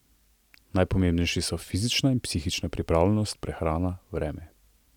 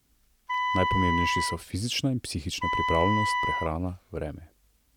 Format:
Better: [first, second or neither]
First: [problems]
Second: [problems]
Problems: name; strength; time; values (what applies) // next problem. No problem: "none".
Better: first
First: none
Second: background sound (Wind instrument, woodwind instrument); 1 dB above the speech